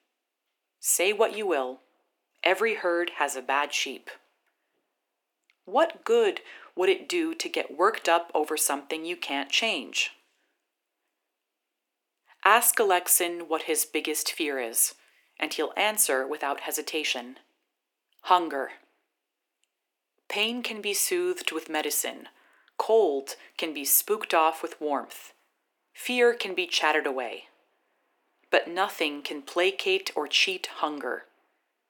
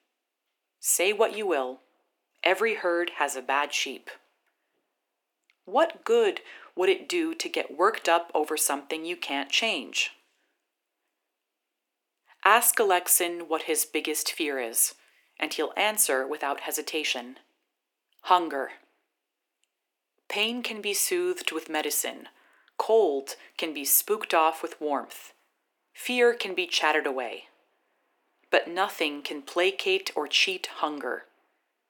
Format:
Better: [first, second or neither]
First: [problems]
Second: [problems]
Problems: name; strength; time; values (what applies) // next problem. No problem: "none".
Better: neither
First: thin; very; fading below 300 Hz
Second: thin; very; fading below 300 Hz